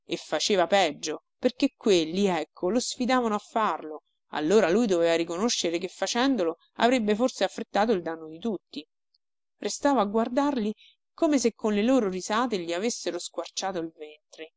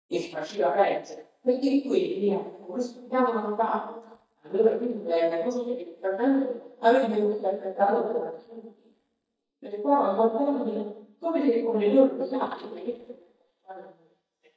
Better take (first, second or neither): first